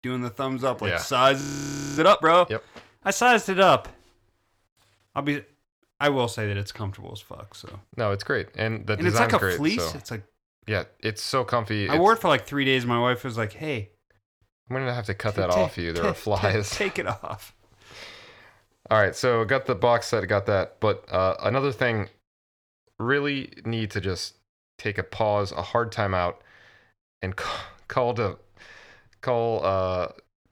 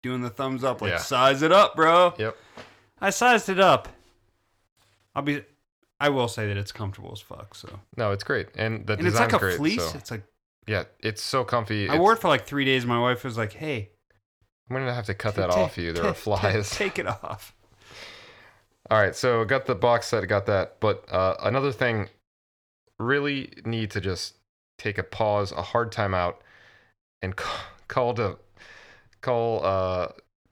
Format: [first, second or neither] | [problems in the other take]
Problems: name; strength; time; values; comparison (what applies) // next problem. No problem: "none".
second | audio freezing; at 1.5 s for 0.5 s